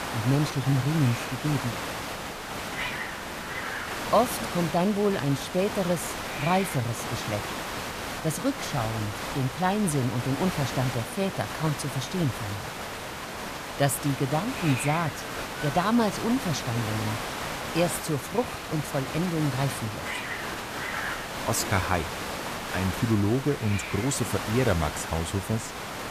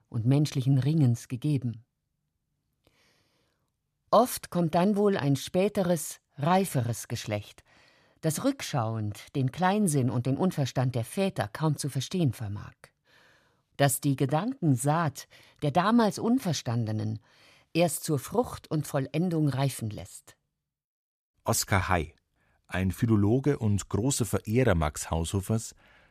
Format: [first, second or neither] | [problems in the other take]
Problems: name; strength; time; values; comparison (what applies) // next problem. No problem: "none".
second | hiss; loud; throughout; 5 dB below the speech